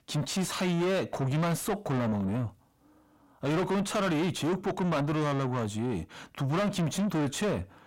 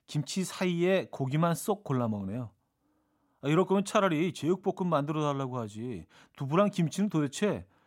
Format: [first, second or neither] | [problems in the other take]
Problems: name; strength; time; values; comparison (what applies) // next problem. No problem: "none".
second | distortion; heavy; 5 dB below the speech